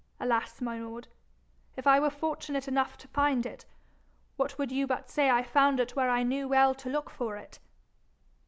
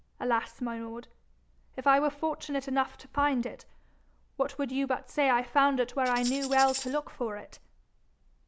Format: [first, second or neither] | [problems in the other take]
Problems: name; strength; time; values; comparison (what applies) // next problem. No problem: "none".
first | background sound (Tambourine); 10 dB below the speech